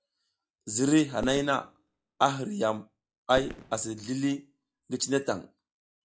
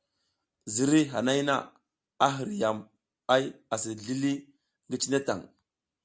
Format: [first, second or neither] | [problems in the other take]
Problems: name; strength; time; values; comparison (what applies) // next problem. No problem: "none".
second | noise reduction (classical method log-MMSE)